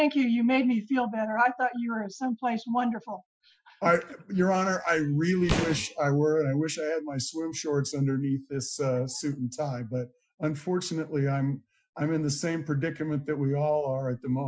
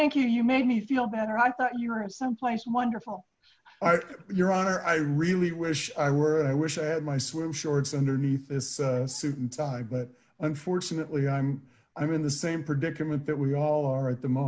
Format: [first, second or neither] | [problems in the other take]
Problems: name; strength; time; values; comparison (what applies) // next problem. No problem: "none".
second | noise reduction (classical method Wiener filter)